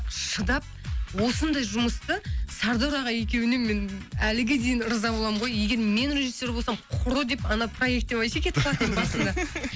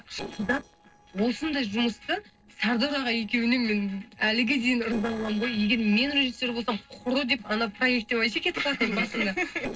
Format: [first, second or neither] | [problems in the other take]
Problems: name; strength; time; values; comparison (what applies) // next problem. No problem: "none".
first | noise reduction (neural separator model SepFormer DNS4)